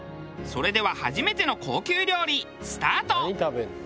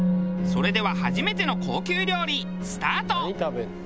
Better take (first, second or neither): first